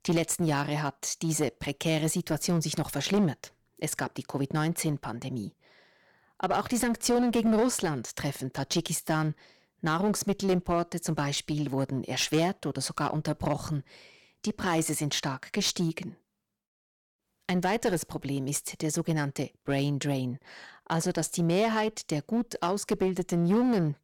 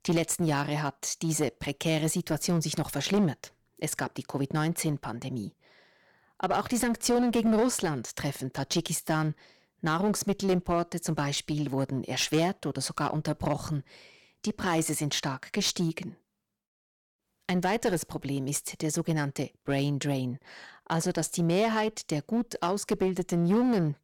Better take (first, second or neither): neither